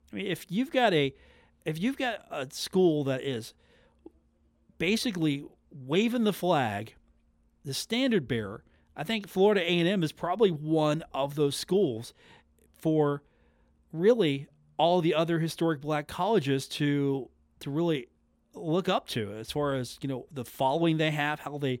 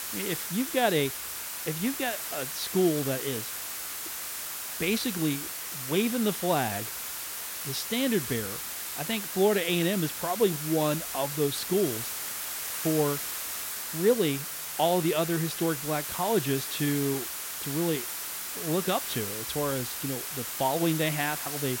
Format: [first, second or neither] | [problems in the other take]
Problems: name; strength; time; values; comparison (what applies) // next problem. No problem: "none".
first | hiss; loud; throughout; 4 dB below the speech